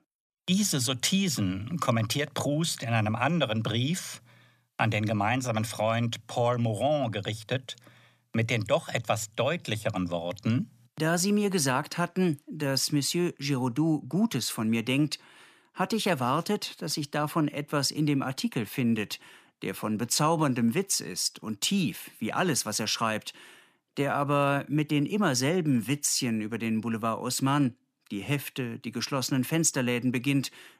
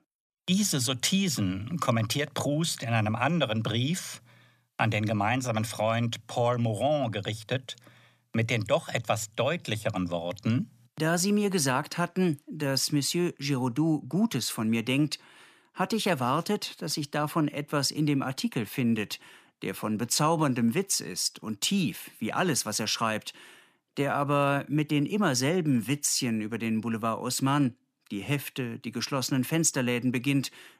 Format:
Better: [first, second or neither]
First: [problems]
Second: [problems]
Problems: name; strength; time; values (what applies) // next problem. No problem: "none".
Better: neither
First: none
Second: none